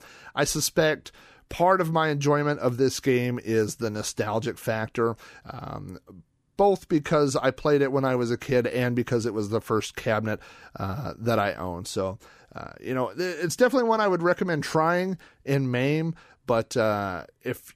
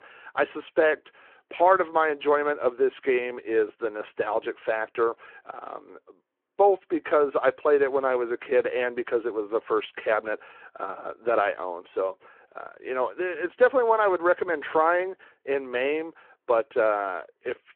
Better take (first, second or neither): first